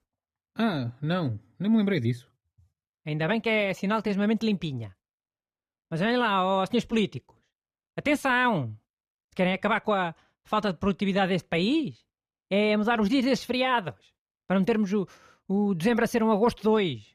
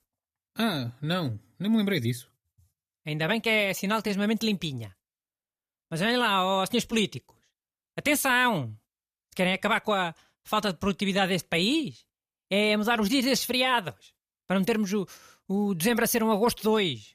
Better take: second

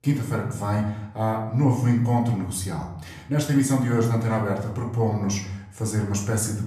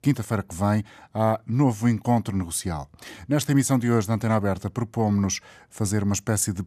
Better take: second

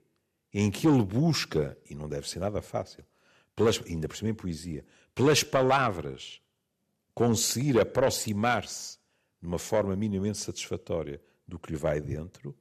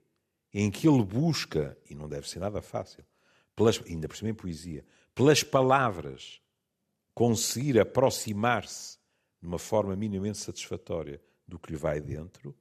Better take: second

